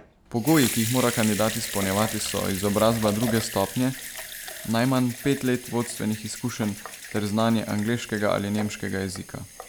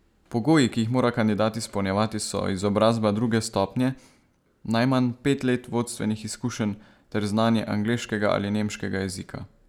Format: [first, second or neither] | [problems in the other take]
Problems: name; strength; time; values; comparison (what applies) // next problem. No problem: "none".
second | background sound (Sink (filling or washing) / Water tap, faucet / Liquid); 10 dB below the speech